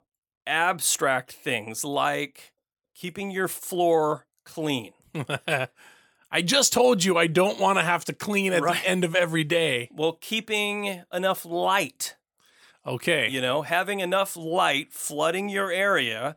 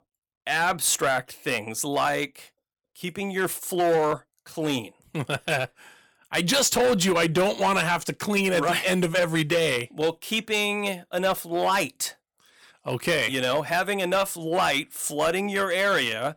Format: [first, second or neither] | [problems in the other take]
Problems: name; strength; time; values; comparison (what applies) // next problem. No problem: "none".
first | distortion; slight; 6% of the sound clipped